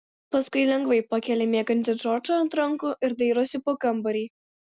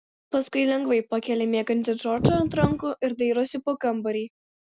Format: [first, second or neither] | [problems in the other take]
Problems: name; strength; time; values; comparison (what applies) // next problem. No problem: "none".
first | background sound (Wind); as loud as the speech